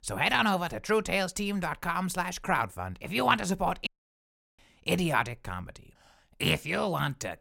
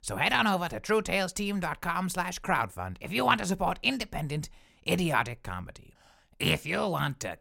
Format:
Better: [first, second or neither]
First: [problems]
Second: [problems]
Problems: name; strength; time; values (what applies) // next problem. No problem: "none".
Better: second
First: audio cutting out; at 4 s for 0.5 s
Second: none